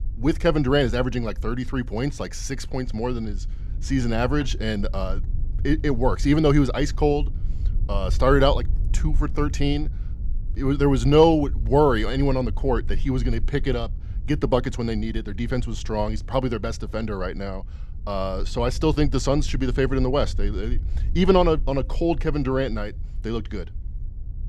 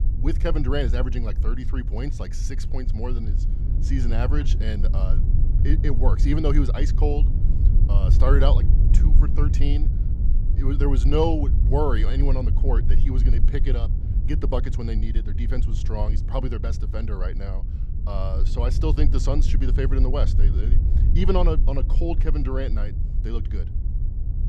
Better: first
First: low rumble; faint; throughout; 25 dB below the speech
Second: low rumble; loud; throughout; 10 dB below the speech

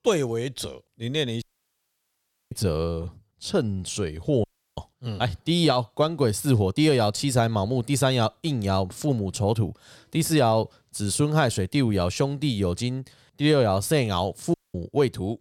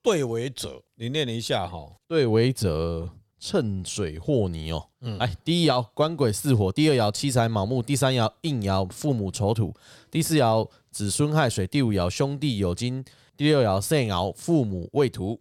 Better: second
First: audio cutting out; at 1.5 s for 1 s, at 4.5 s and at 15 s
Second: none

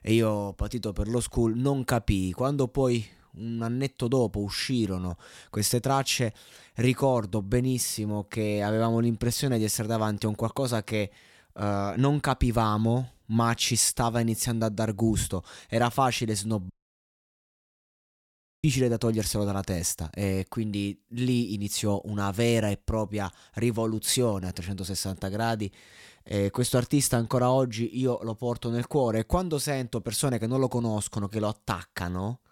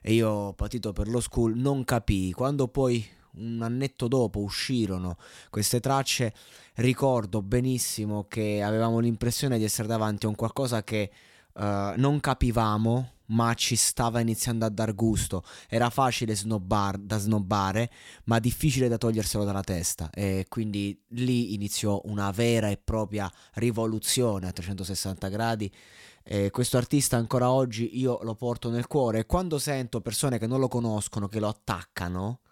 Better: second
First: audio cutting out; at 17 s for 2 s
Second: none

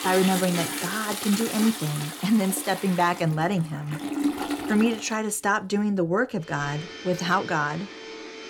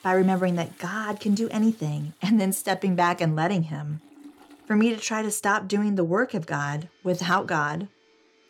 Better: second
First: household noises; loud; throughout; 7 dB below the speech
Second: household noises; faint; throughout; 30 dB below the speech

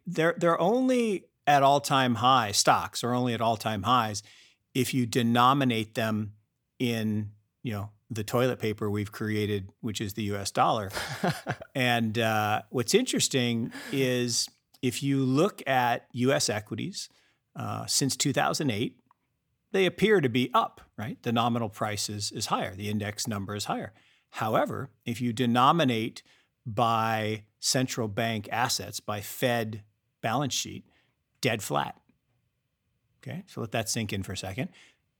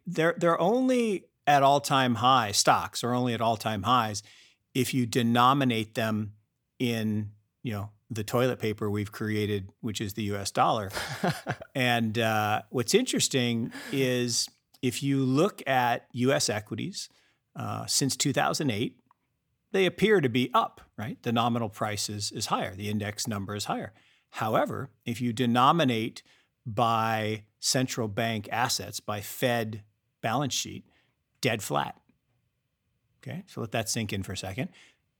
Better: neither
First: none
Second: none

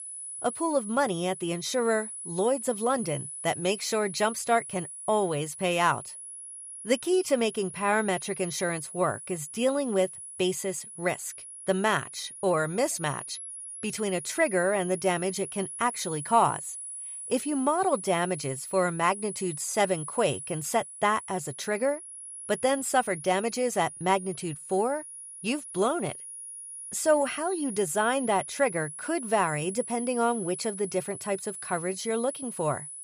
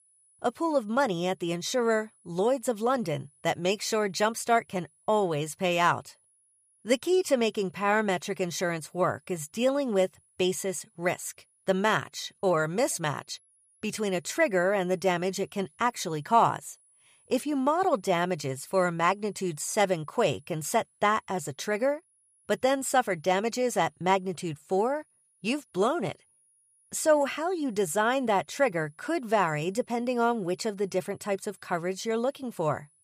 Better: second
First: high-pitched whine; loud; throughout; 10 kHz, 9 dB below the speech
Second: high-pitched whine; faint; throughout; 10 kHz, 35 dB below the speech

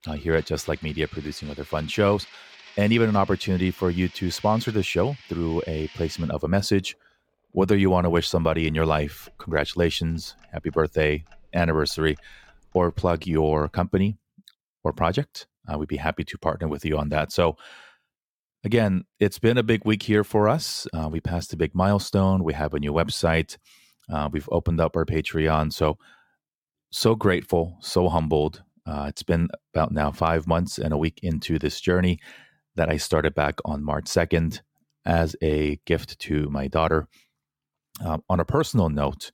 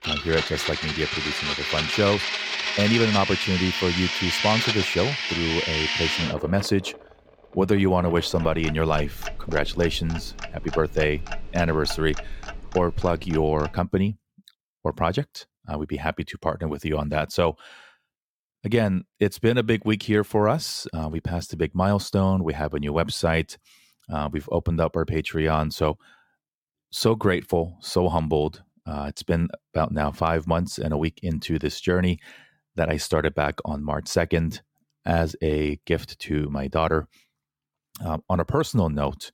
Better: first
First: household noises; faint; until 14 s; 20 dB below the speech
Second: household noises; loud; until 14 s; 2 dB below the speech

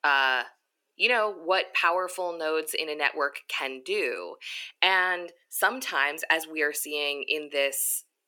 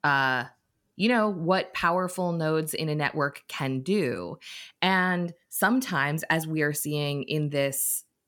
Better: second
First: thin; very; fading below 350 Hz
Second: none

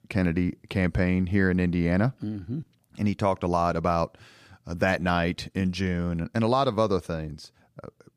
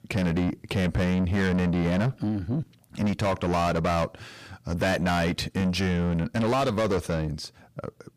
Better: first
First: none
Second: distortion; heavy; 7 dB below the speech

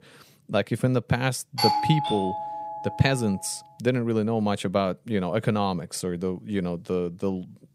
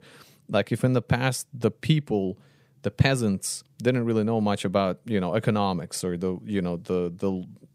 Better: second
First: doorbell; loud; from 1.5 to 3 s; peak 3 dB above the speech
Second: none

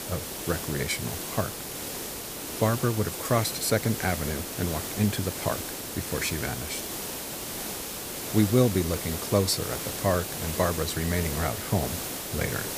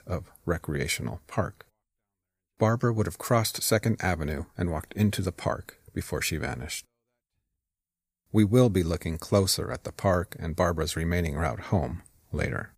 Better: second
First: hiss; loud; throughout; 4 dB below the speech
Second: none

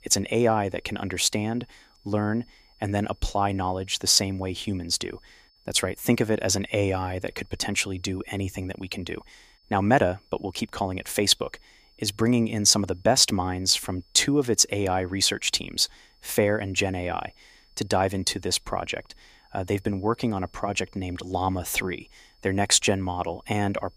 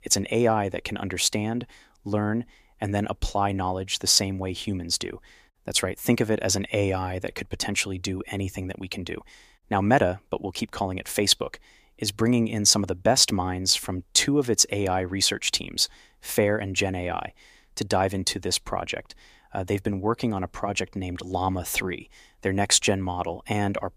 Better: second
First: high-pitched whine; faint; throughout; 5 kHz, 35 dB below the speech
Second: none

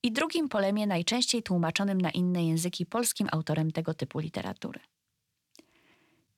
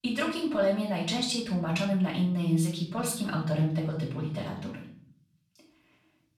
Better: first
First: none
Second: off-mic speech; far // room echo; noticeable; dies away in 0.7 s

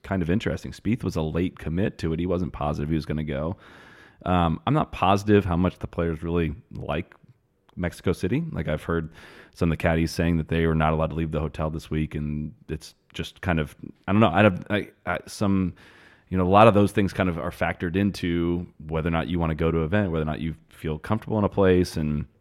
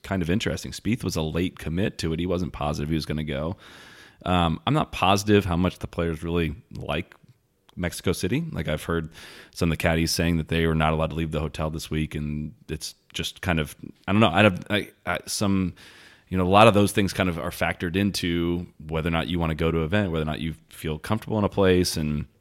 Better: second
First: muffled; slightly; fading above 2.5 kHz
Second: none

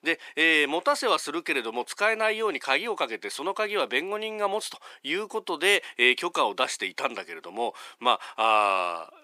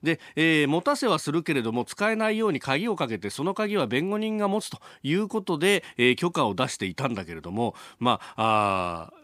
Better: second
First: thin; very; fading below 400 Hz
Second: none

